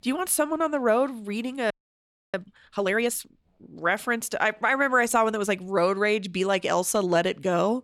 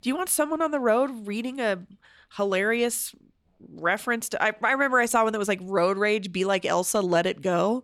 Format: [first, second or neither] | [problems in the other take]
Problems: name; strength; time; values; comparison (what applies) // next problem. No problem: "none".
second | audio freezing; at 1.5 s for 0.5 s